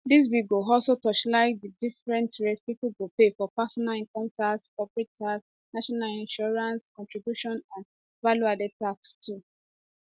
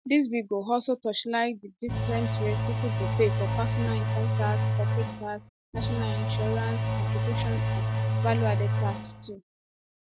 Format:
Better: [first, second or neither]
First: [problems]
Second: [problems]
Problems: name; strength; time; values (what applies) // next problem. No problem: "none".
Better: first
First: none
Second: background sound (Engine / Domestic sounds, home sounds); 5 dB above the speech